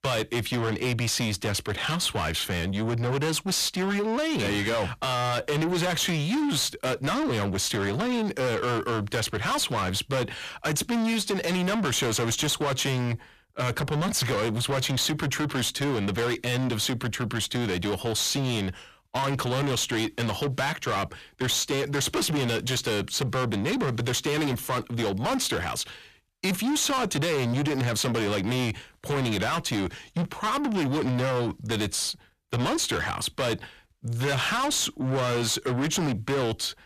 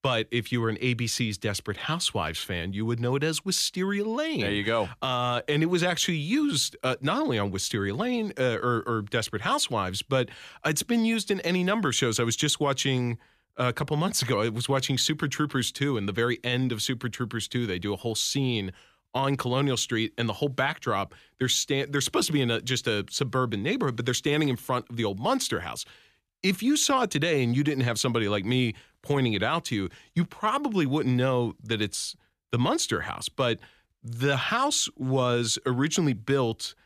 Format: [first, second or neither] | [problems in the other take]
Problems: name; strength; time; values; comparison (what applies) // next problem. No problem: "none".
second | distortion; heavy; 6 dB below the speech